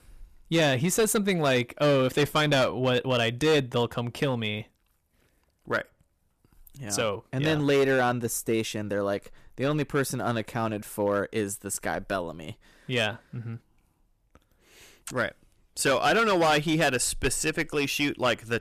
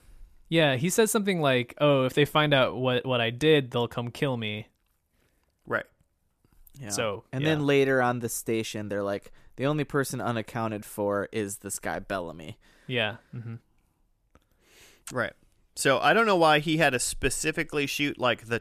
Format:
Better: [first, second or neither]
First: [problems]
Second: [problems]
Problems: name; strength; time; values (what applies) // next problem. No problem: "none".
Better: second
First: distortion; slight; 5% of the sound clipped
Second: none